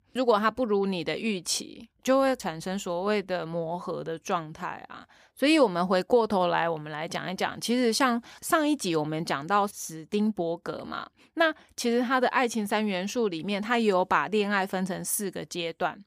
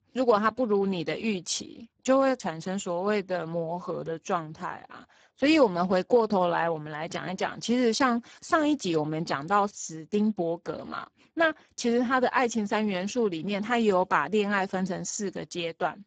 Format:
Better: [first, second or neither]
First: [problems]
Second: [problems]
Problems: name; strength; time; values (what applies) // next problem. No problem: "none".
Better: first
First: none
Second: garbled, watery; badly; nothing above 7.5 kHz